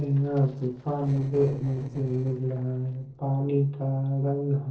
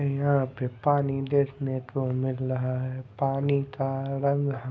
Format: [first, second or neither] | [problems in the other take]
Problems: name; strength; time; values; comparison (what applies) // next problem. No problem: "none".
second | noise reduction (neural separator model SepFormer DNS4)